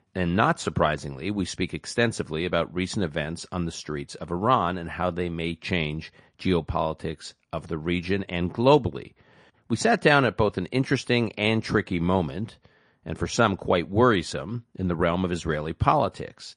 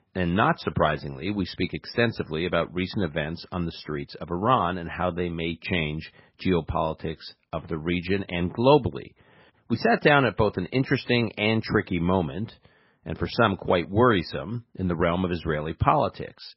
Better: first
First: garbled, watery; slightly; nothing above 10 kHz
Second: garbled, watery; badly; nothing above 5.5 kHz

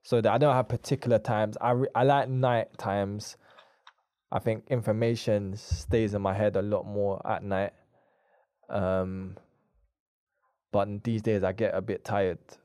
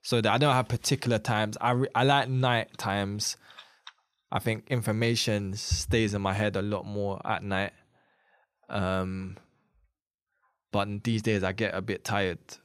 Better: second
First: muffled; slightly; fading above 1.5 kHz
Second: none

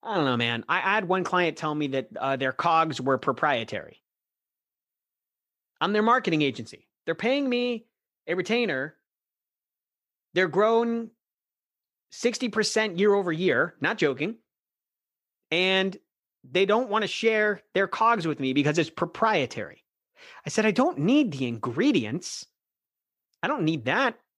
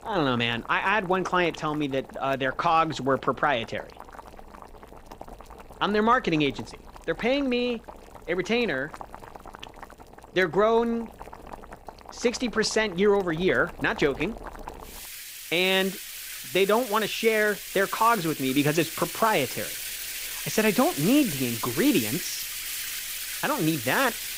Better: first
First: none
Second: household noises; noticeable; throughout; 10 dB below the speech

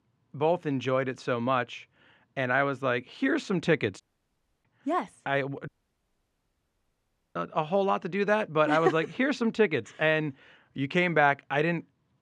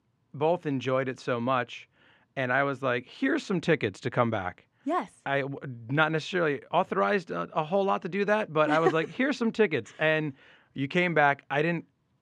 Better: second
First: audio cutting out; at 4 s for 0.5 s and at 5.5 s for 1.5 s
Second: none

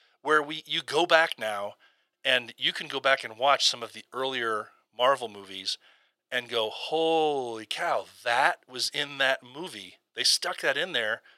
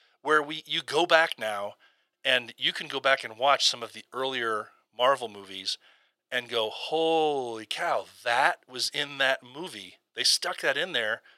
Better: neither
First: thin; very; fading below 650 Hz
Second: thin; very; fading below 650 Hz

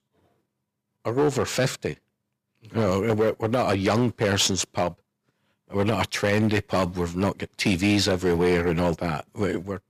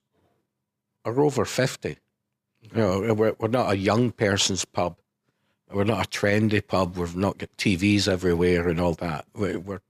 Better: second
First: distortion; slight; 5% of the sound clipped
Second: none

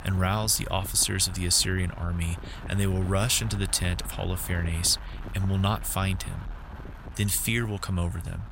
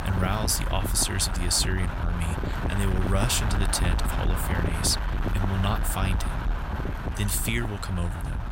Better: first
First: wind noise on the microphone; occasional gusts; 15 dB below the speech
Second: wind noise on the microphone; heavy; 4 dB below the speech

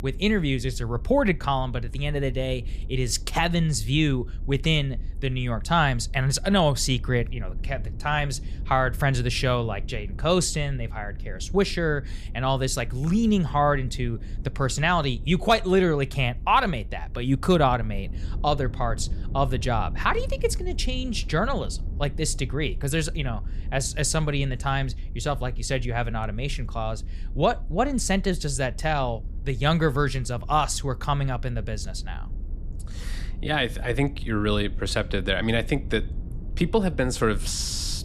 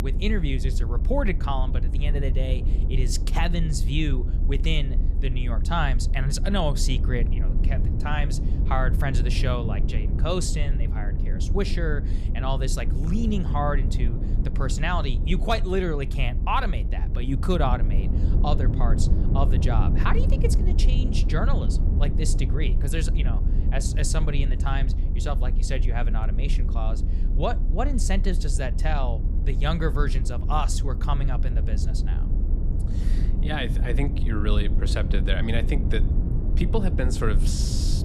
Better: first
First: low rumble; faint; throughout; 25 dB below the speech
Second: low rumble; loud; throughout; 9 dB below the speech

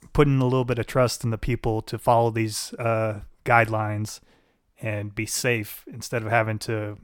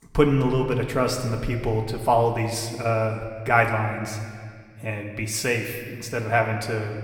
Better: first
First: none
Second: room echo; slight; dies away in 1.7 s // off-mic speech; somewhat distant

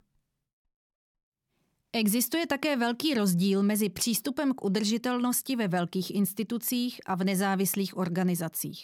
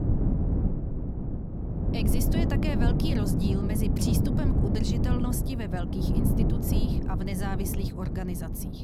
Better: first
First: none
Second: wind noise on the microphone; heavy; 1 dB above the speech

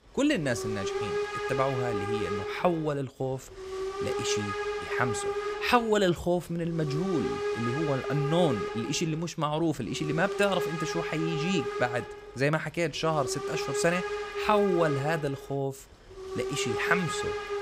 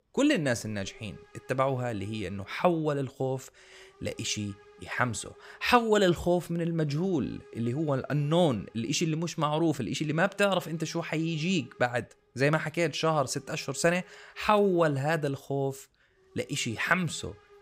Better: second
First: hiss; loud; throughout; 4 dB below the speech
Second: hiss; faint; throughout; 30 dB below the speech

